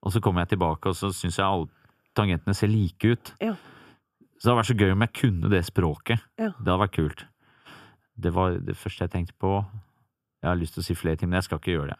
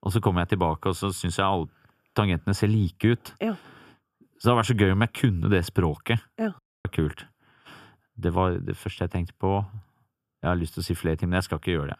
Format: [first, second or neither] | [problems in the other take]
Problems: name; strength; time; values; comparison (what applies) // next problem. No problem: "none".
first | audio cutting out; at 6.5 s